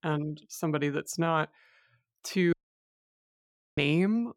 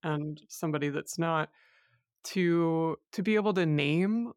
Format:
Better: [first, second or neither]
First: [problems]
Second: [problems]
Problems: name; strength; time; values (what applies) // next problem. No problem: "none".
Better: second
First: audio cutting out; at 2.5 s for 1 s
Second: none